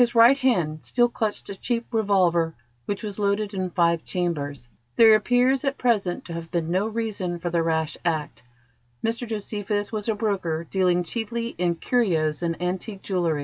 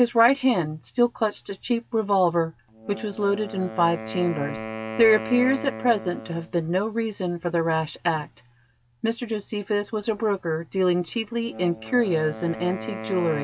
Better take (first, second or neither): first